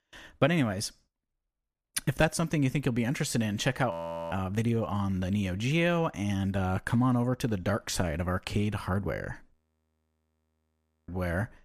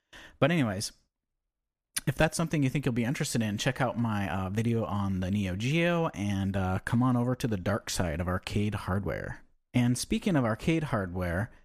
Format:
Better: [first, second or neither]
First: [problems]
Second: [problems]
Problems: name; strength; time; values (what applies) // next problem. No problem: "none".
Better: second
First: audio freezing; at 4 s and at 9.5 s for 1.5 s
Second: none